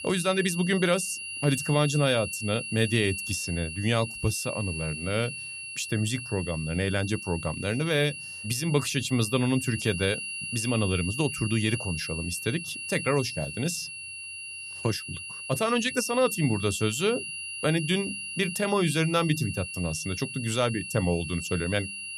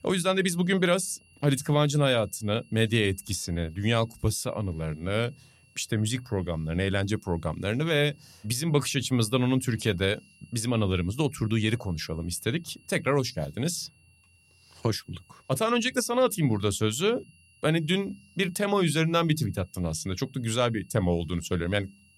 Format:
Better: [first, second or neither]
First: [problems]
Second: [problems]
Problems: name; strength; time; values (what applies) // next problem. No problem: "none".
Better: second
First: high-pitched whine; loud; throughout; 2.5 kHz, 7 dB below the speech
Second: high-pitched whine; faint; throughout; 2.5 kHz, 30 dB below the speech